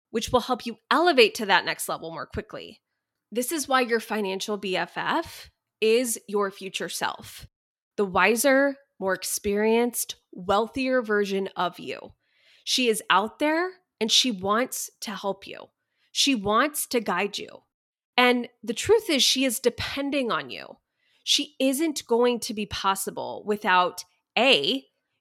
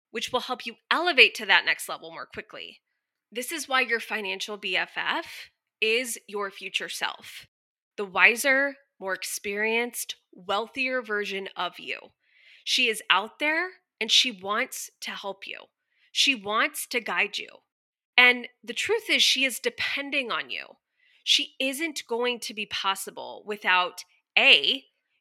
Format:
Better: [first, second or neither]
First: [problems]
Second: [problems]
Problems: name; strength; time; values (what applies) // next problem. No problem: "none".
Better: first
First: none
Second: thin; very slightly; fading below 300 Hz